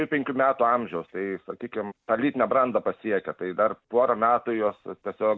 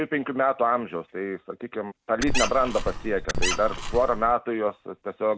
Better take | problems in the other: first | background sound (Squeak); 1 dB below the speech

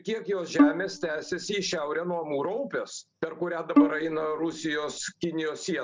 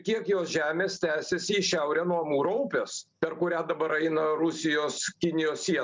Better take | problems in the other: second | background sound (Bowed string instrument); 3 dB above the speech

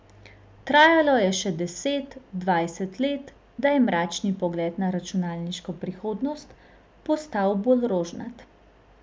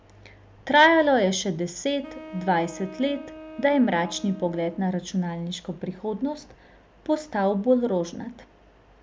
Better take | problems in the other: first | background sound (Wind instrument, woodwind instrument); 17 dB below the speech

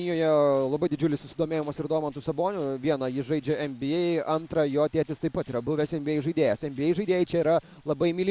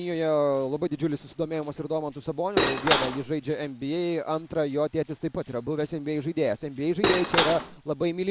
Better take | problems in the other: first | background sound (Cutlery, silverware / Dishes, pots, and pans); 3 dB above the speech

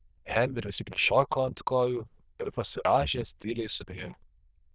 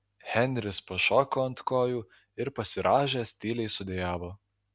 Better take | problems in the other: second | noise reduction (neural diffusion model UNIVERSE++)

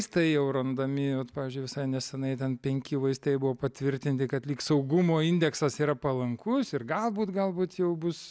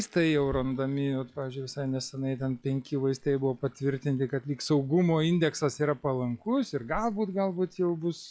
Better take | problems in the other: first | noise reduction (classical method log-MMSE)

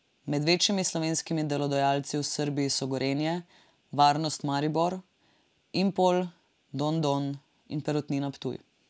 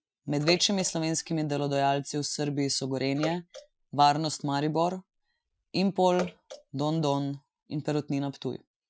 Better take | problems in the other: first | noise reduction (classical method Wiener filter)

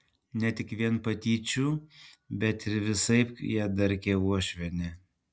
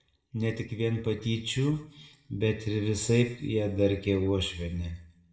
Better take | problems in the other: first | room echo; dies away in 0.6 s

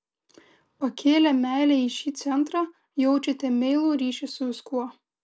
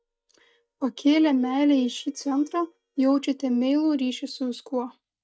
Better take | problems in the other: first | noise reduction (neural mask model DeepFilterNet 3)

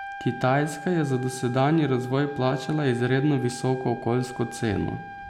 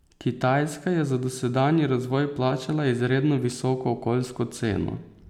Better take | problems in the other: second | background sound (Trumpet); 14 dB below the speech

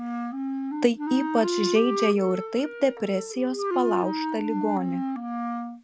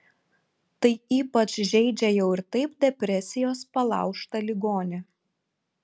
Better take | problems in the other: second | background sound (Wind instrument, woodwind instrument); 3 dB below the speech

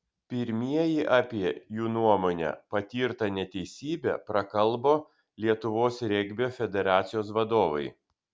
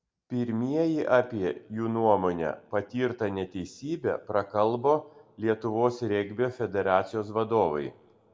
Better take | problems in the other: first | room echo; dies away in 0.4 s

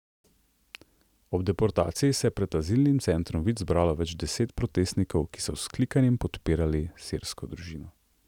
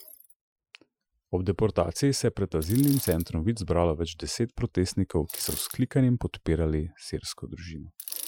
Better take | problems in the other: first | noise reduction (classical method Wiener filter)

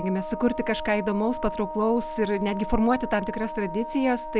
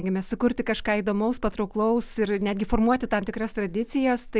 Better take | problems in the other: second | background sound (Wind instrument, woodwind instrument); 9 dB below the speech

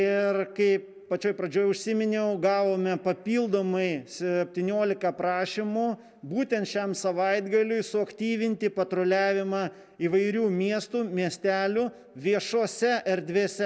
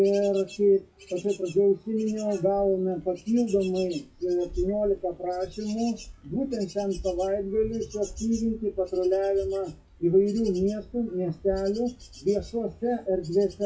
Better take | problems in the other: first | noise reduction (classical method WPE with log-MMSE)

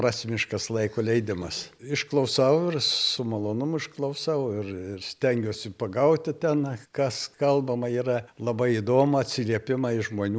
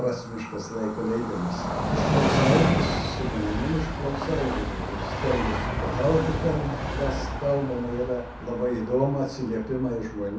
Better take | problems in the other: first | background sound (Train); 1 dB below the speech // room echo; dies away in 0.6 s

